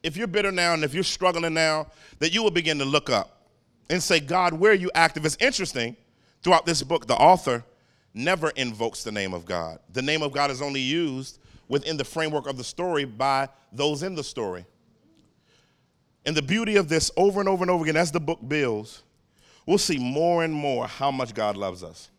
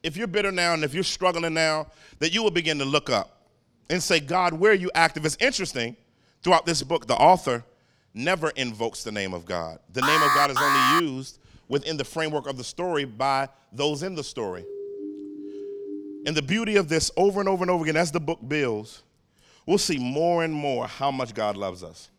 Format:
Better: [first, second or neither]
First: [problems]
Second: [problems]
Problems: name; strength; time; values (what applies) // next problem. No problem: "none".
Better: first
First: none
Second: alarm; loud; at 10 s; peak 5 dB above the speech // siren; faint; from 15 to 16 s; peak 10 dB below the speech